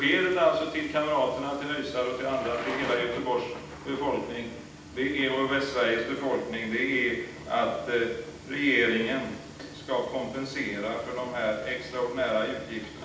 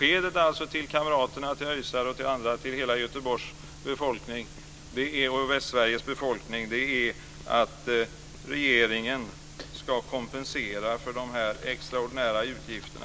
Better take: second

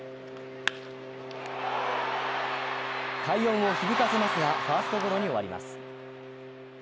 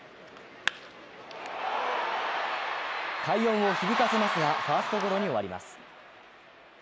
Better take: second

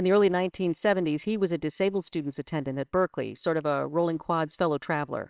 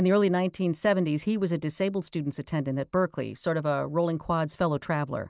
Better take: second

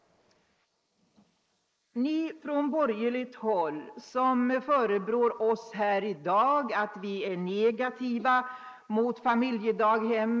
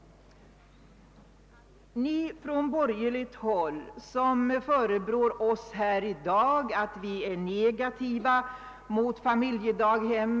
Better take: second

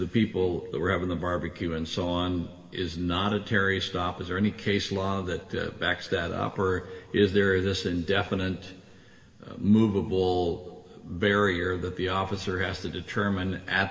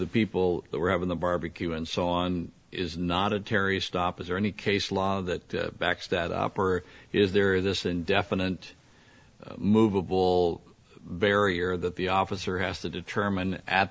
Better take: second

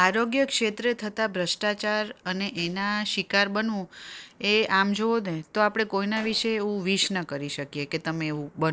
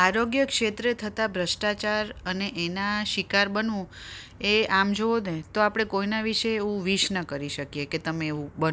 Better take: second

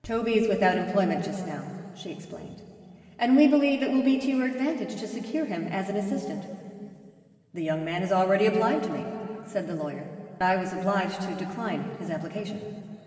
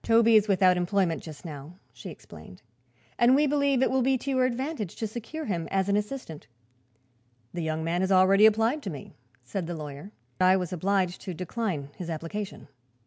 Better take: second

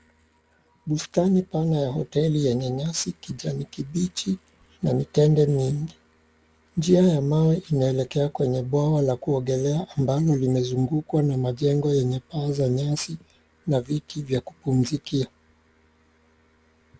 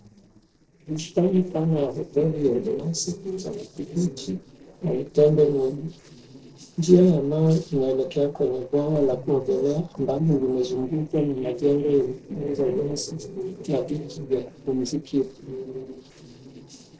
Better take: first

